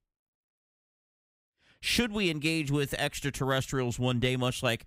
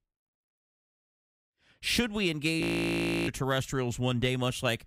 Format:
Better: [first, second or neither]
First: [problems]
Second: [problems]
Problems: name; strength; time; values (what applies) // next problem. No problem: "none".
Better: first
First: none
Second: audio freezing; at 2.5 s for 0.5 s